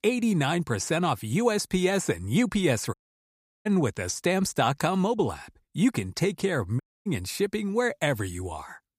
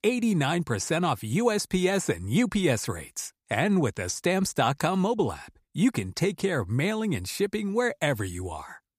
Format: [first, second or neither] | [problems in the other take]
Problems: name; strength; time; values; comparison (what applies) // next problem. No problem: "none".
second | audio cutting out; at 3 s for 0.5 s and at 7 s